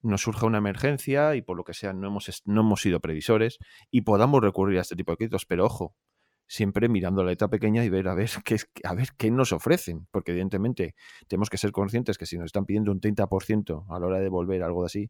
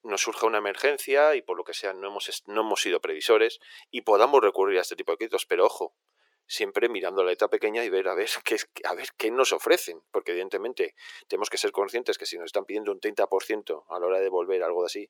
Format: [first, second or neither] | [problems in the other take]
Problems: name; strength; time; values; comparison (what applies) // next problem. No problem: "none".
first | thin; very; fading below 400 Hz